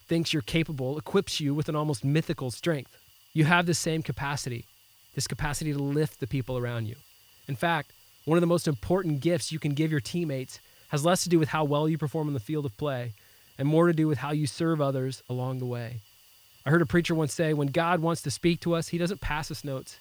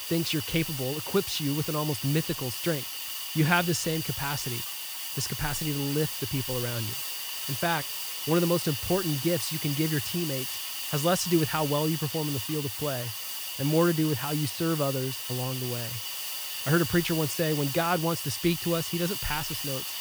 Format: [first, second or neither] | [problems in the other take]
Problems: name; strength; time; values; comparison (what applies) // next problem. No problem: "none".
first | hiss; loud; throughout; 3 dB below the speech; faint in the first